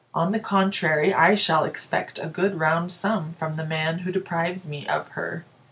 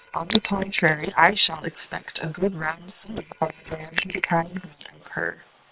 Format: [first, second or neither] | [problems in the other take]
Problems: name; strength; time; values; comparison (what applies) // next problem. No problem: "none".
first | noise reduction (neural separator model SepFormer WHAM!)